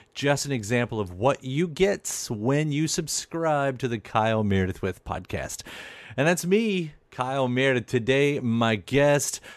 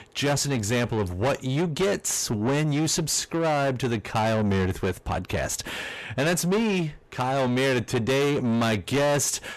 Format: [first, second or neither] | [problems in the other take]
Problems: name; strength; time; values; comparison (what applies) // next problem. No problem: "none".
first | distortion; heavy; 7 dB below the speech